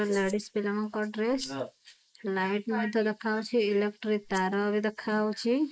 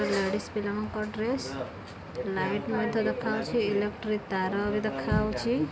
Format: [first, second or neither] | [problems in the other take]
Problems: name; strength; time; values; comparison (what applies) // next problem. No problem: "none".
second | noise reduction (neural mask model Resemble Enhance denoiser)